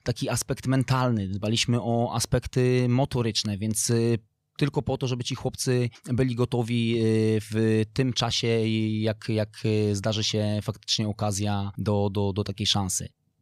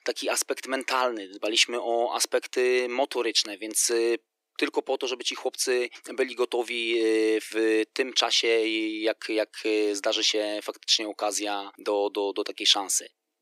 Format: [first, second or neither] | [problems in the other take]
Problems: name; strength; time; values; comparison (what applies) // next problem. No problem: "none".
first | thin; very; fading below 300 Hz